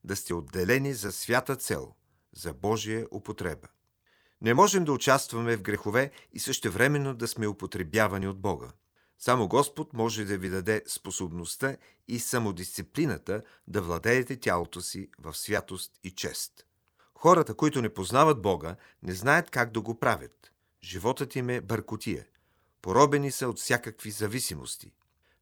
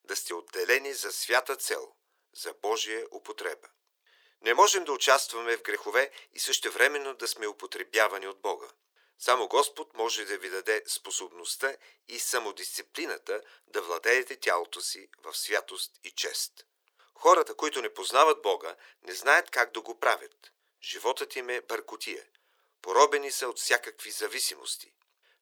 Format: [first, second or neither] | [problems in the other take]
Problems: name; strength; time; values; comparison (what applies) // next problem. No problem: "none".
first | thin; very; fading below 400 Hz